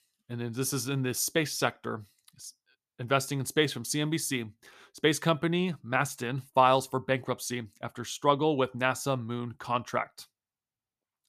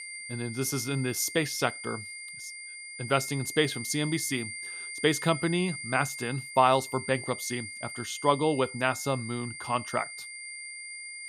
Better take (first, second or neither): first